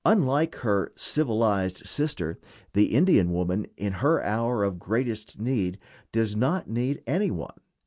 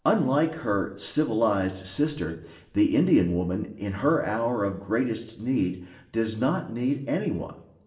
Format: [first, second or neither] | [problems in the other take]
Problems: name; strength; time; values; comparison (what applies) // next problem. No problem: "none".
first | room echo; dies away in 0.7 s